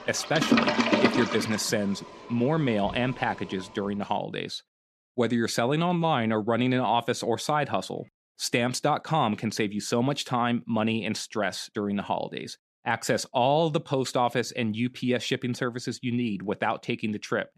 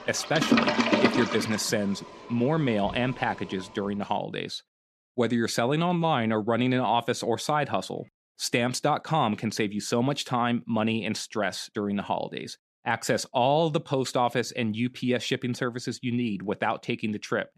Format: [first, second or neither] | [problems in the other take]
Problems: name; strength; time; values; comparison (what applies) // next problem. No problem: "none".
neither | household noises; very loud; until 4 s; 2 dB above the speech; the same in both